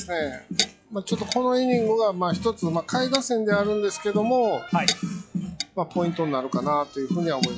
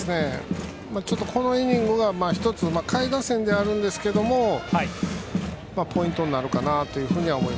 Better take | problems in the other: second | noise reduction (classical method log-MMSE)

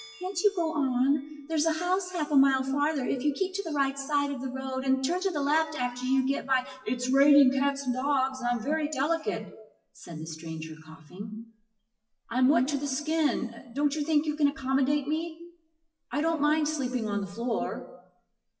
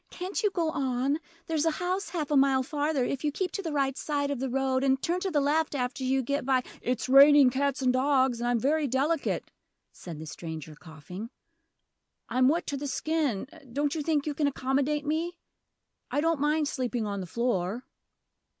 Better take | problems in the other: second | noise reduction (classical method WPE with log-MMSE)

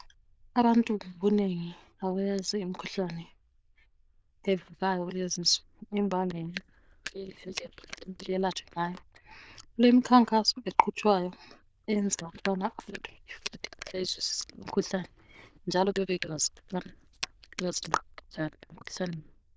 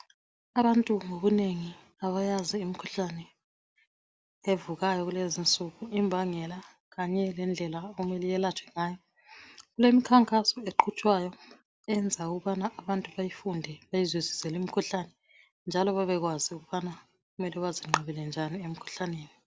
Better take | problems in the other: second | noise reduction (neural diffusion model UNIVERSE++)

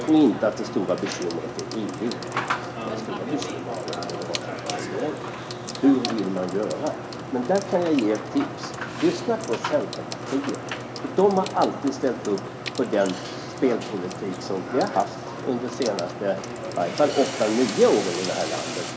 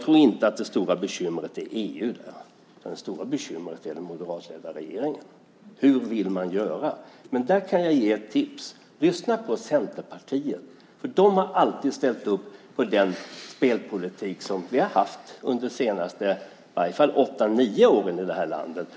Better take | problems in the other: second | background sound (Sink (filling or washing) / Water tap, faucet / Water); 7 dB below the speech // room echo; dies away in 2.3 s

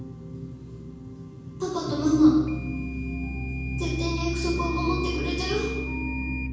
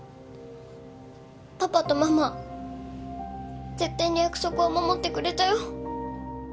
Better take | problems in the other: second | background sound (Microwave oven / Alarm); 15 dB below the speech // room echo; dies away in 1.2 s

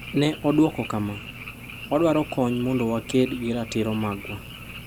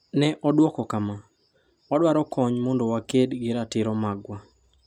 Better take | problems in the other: second | background sound (Frog); 13 dB below the speech

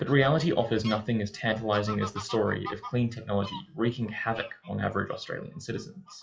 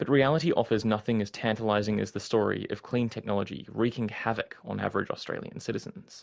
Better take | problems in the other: second | noise reduction (classical method WPE with log-MMSE)

